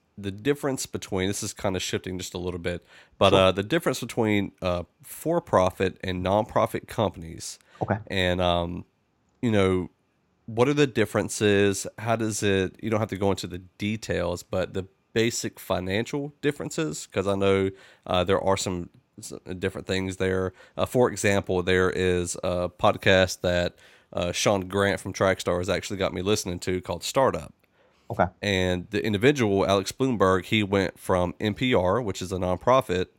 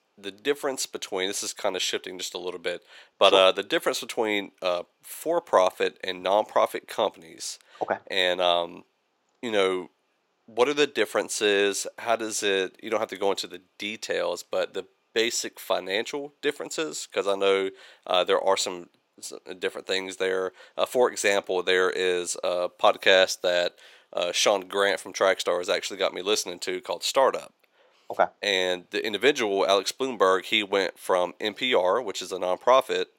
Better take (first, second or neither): first